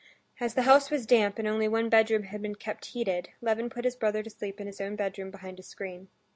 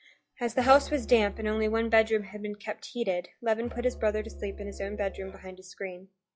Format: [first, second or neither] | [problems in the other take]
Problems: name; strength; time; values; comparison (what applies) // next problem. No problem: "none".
first | noise reduction (classical method log-MMSE)